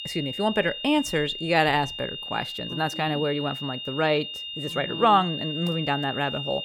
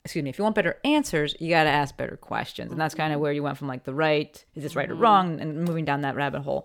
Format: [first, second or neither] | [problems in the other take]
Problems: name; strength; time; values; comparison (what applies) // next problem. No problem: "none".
second | high-pitched whine; loud; throughout; 3 kHz, 7 dB below the speech